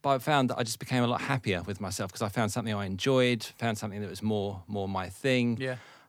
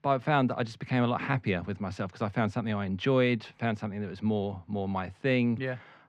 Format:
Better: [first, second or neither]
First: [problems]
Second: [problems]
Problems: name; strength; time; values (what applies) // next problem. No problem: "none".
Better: first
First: none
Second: muffled; slightly; fading above 2.5 kHz